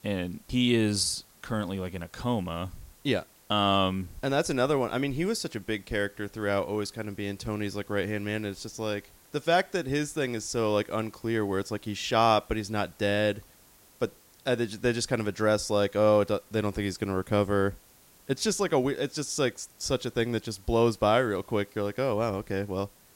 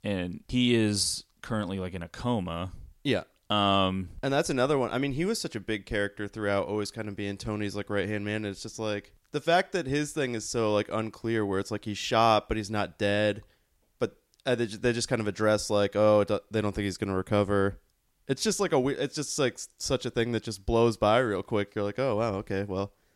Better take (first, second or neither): second